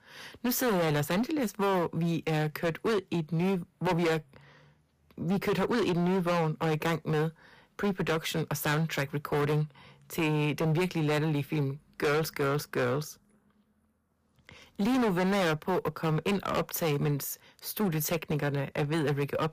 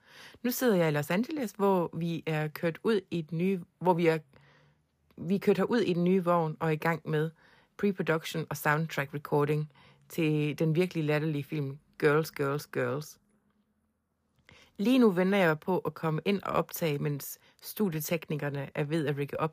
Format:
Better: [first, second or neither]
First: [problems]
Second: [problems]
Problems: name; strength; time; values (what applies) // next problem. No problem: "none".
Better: second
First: distortion; heavy; 18% of the sound clipped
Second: none